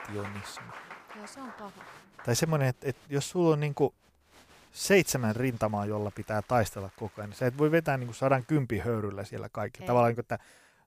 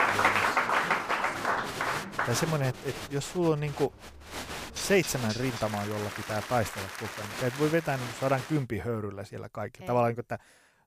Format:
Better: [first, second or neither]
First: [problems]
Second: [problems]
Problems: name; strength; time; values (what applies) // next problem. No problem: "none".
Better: first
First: crowd noise; faint; until 8.5 s; 20 dB below the speech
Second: crowd noise; loud; until 8.5 s; 1 dB below the speech